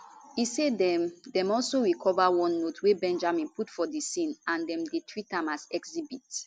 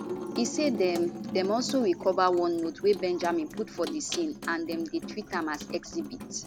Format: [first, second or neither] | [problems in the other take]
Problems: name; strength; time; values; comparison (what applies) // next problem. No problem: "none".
first | background sound (Sink (filling or washing) / Water tap, faucet); 9 dB below the speech